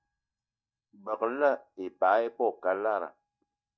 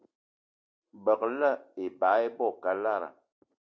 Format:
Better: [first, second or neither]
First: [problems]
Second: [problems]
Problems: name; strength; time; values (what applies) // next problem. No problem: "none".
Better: second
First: noise reduction (neural mask model DeepFilterNet 3)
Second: none